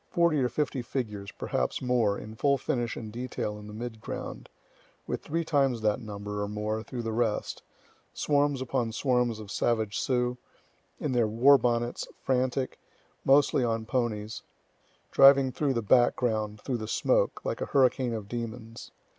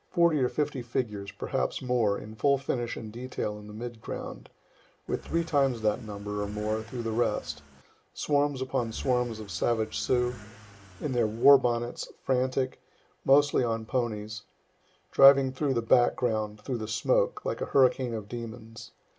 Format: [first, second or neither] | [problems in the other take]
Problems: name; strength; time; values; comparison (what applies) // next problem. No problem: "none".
first | background sound (Accelerating, revving, vroom / Car); 18 dB below the speech // room echo; dies away in 0.2 s